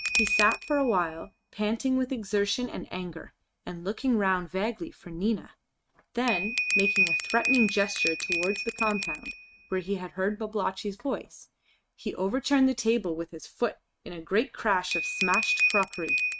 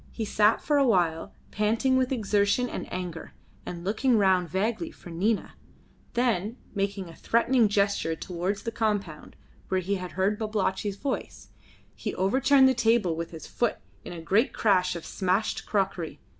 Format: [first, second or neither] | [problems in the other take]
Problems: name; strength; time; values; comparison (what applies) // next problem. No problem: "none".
second | noise reduction (neural mask model RNNoise)